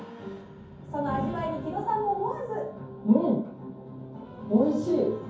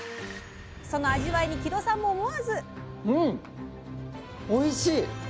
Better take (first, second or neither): second